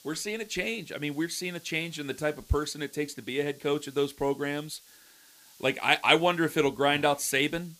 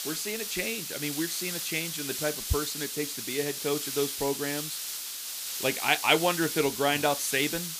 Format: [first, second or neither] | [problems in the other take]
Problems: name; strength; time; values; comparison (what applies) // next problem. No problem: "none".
first | hiss; loud; throughout; 3 dB below the speech; faint in the first